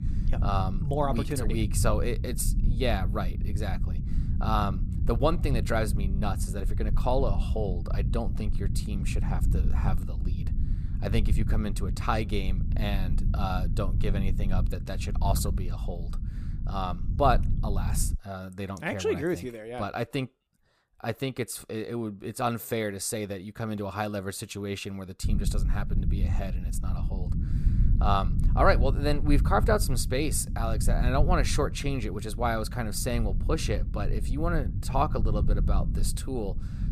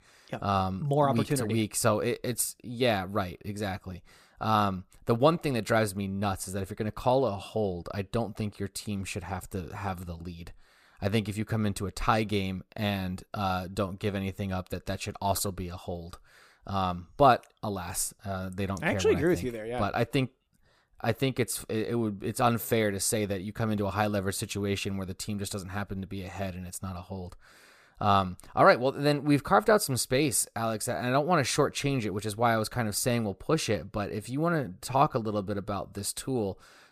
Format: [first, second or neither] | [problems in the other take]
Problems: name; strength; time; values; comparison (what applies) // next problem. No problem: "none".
second | low rumble; noticeable; until 18 s and from 25 s on; 15 dB below the speech